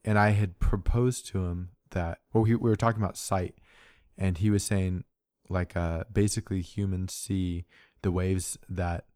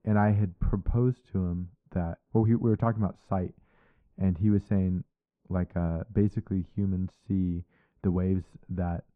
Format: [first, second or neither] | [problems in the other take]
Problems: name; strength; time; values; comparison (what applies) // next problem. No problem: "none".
first | muffled; very; fading above 1.5 kHz